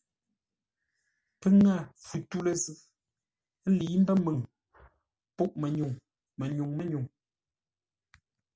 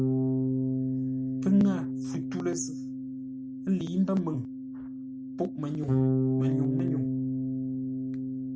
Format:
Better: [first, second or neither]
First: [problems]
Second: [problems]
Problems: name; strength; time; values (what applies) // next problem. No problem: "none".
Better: first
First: none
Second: background sound (Bass guitar); 3 dB above the speech